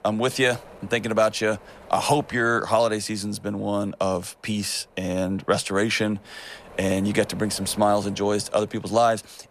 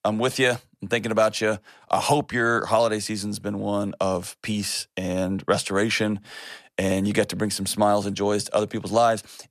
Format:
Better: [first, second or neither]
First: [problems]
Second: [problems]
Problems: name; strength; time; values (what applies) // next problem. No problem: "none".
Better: second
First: wind noise on the microphone; occasional gusts; 25 dB below the speech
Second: none